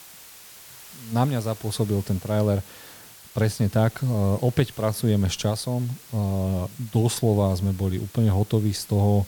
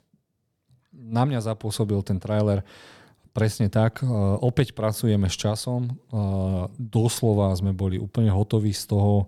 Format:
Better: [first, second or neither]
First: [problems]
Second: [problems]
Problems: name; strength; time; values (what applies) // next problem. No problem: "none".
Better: second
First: hiss; noticeable; throughout; 20 dB below the speech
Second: none